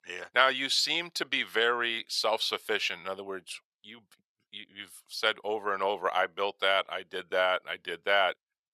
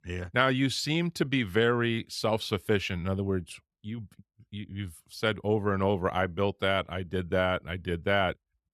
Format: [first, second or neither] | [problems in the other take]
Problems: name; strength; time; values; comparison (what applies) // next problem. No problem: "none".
second | thin; very; fading below 700 Hz